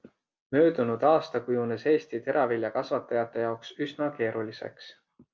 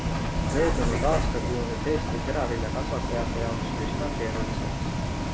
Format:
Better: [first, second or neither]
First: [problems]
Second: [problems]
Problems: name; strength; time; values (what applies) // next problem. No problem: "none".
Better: first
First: none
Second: background sound (Bus); 4 dB above the speech